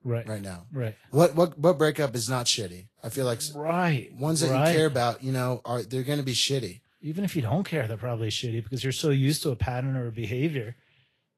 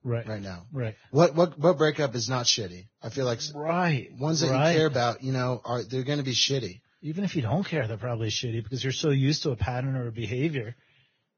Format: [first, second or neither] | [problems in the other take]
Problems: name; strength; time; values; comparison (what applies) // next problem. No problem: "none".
first | garbled, watery; badly; nothing above 6.5 kHz; slightly in the first